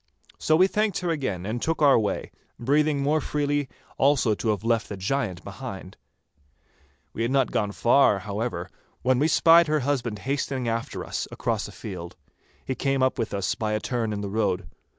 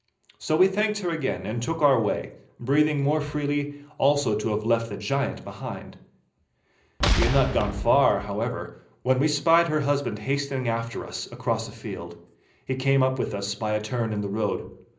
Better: first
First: none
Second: background sound (Boom); as loud as the speech // room echo; dies away in 0.5 s

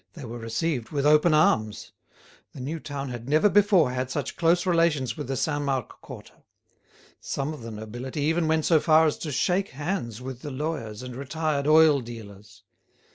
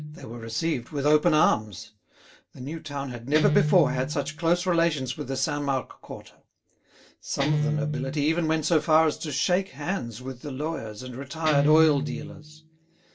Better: first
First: none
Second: background sound (Guitar); 7 dB below the speech // room echo; dies away in 0.1 s

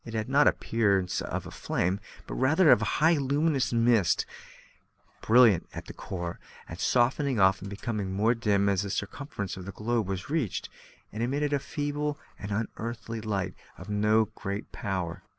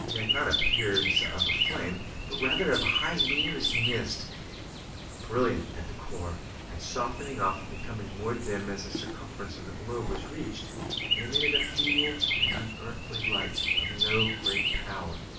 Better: first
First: none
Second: background sound (Chirp, tweet); 2 dB above the speech // room echo; dies away in 0.4 s

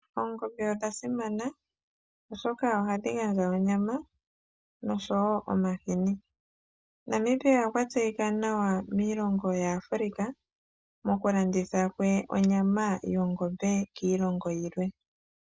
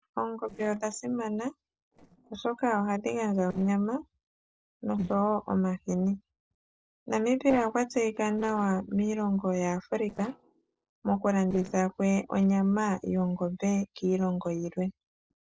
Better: first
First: none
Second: noise reduction (neural separator model SepFormer DNS4)

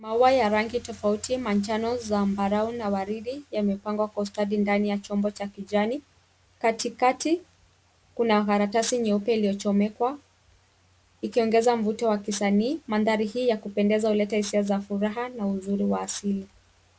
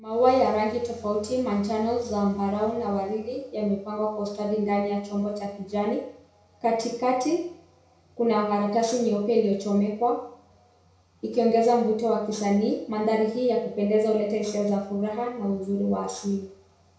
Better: first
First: none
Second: room echo; dies away in 0.6 s

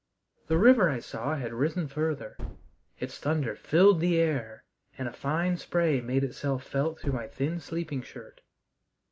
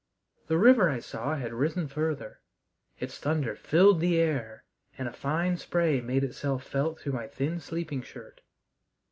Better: second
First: background sound (Gunshot, gunfire); 11 dB below the speech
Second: none

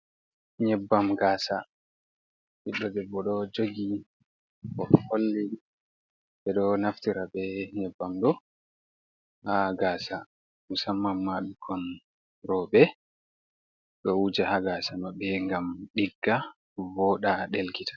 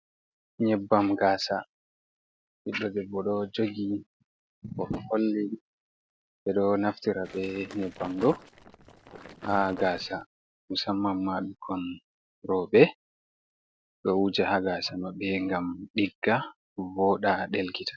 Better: first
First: none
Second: noise reduction (neural separator model SepFormer DNS4)

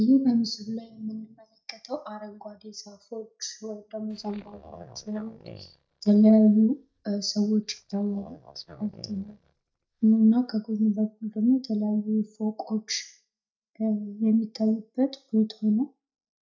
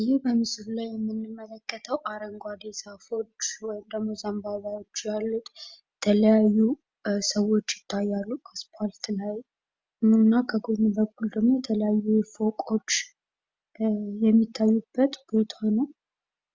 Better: second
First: noise reduction (neural mask model DeepFilterNet 3)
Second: none

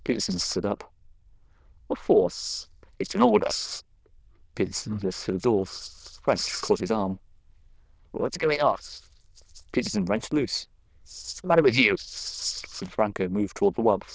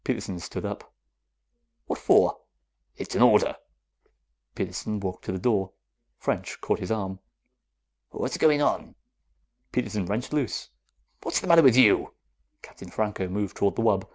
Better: second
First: noise reduction (neural diffusion model UNIVERSE++)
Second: none

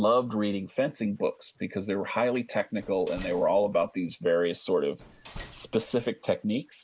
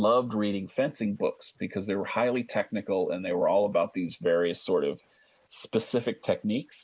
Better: second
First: background sound (Slam); 18 dB below the speech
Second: none

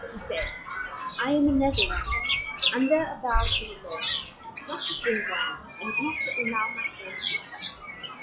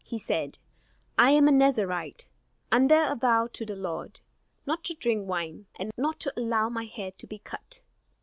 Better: second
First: noise reduction (classical method log-MMSE)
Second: none

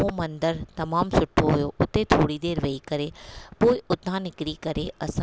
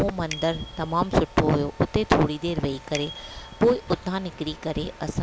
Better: first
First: none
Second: background sound (Mechanisms + Bicycle bell); 16 dB below the speech

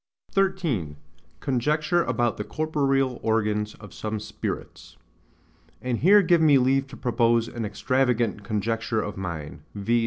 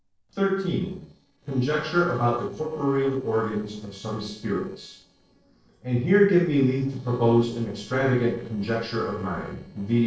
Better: first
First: none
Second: noise reduction (neural separator model SepFormer DNS4)

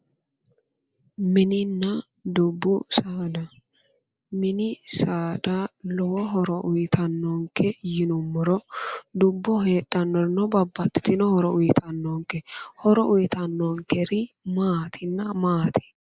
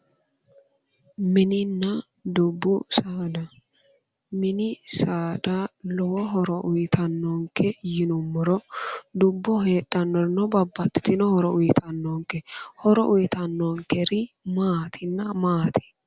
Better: second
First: noise reduction (neural mask model Resemble Enhance denoiser)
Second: none

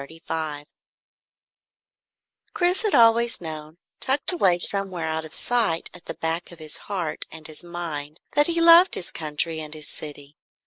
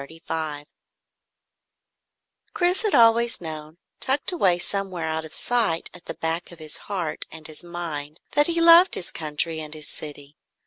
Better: second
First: noise reduction (neural mask model Resemble Enhance denoiser)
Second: none

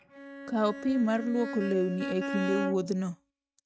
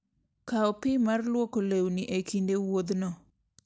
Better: second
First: noise reduction (neural mask model RNNoise)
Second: none

